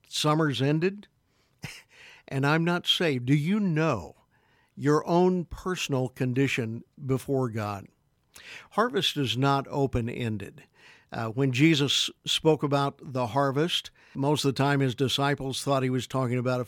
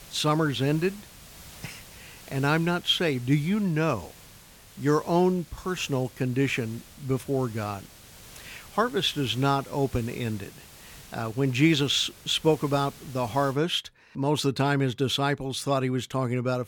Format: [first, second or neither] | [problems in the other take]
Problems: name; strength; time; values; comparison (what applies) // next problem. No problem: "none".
first | hiss; faint; until 14 s; 20 dB below the speech